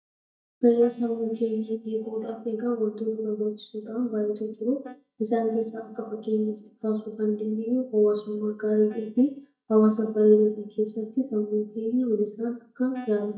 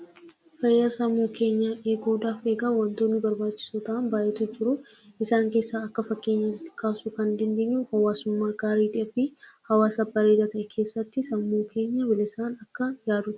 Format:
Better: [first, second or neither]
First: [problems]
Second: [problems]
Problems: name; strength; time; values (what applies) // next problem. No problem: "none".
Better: second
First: noise reduction (neural mask model DeepFilterNet 3)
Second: none